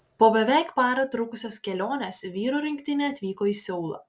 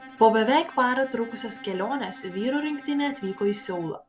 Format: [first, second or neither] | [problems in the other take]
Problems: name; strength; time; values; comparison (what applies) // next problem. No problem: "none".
first | background sound (Bowed string instrument); 18 dB below the speech